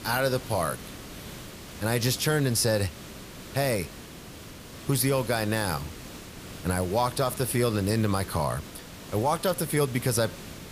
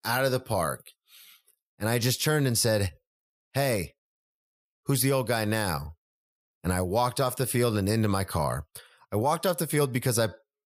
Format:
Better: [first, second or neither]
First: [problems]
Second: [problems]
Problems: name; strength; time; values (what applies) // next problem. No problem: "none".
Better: second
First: hiss; noticeable; throughout; 15 dB below the speech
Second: none